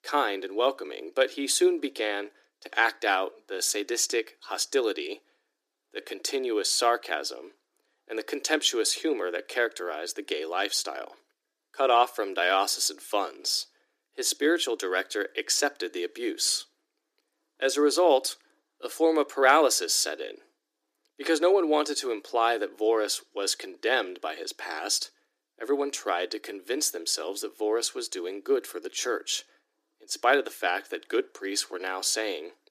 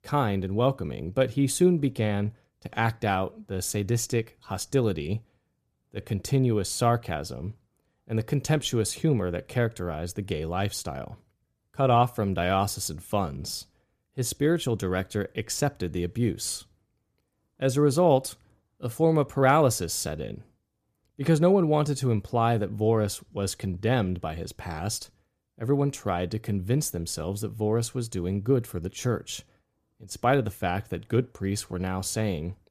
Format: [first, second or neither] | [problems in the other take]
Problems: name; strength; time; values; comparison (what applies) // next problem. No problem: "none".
second | thin; very; fading below 300 Hz